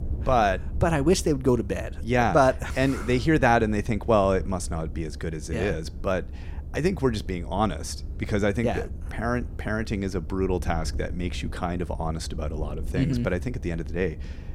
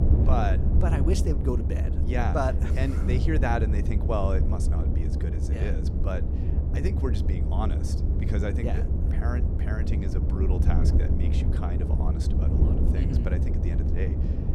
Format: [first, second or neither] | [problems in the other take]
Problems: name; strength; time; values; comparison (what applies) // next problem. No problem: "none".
first | low rumble; loud; throughout; 4 dB below the speech; faint in the first